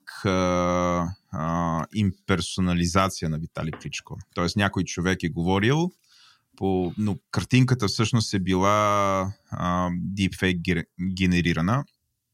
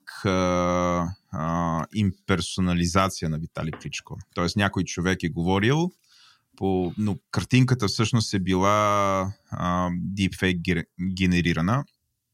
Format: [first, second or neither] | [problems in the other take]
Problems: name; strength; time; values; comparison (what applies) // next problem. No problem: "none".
neither | none